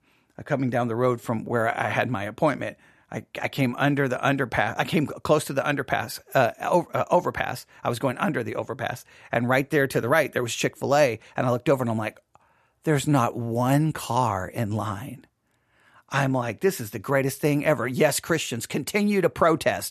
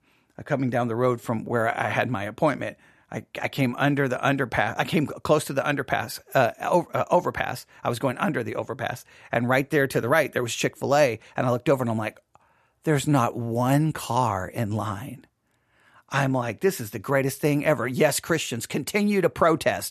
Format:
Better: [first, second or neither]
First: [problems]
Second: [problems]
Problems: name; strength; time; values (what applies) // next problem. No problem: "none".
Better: neither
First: none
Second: none